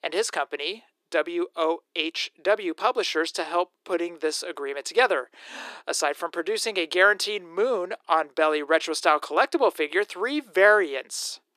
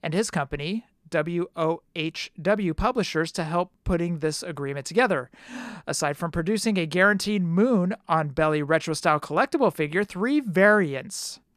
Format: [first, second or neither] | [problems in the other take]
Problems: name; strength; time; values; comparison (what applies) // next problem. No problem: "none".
second | thin; very; fading below 350 Hz